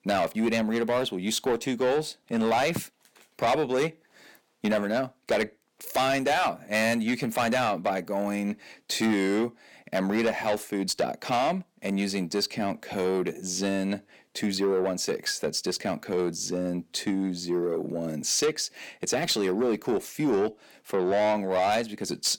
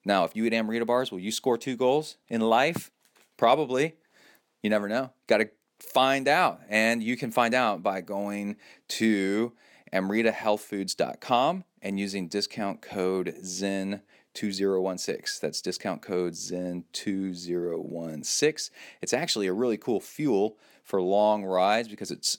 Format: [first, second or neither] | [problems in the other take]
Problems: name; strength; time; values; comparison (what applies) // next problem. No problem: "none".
second | distortion; heavy; 8 dB below the speech